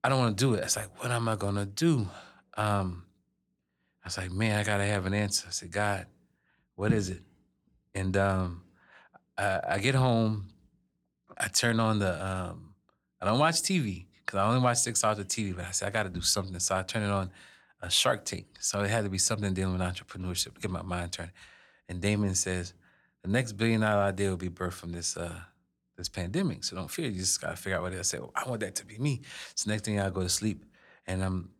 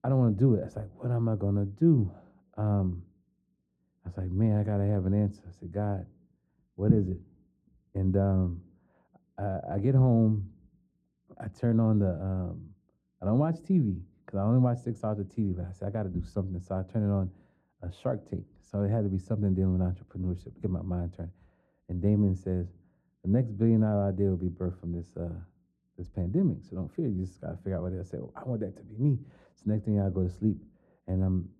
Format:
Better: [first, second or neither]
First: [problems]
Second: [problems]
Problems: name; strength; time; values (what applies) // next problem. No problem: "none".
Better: first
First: none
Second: muffled; very; fading above 1 kHz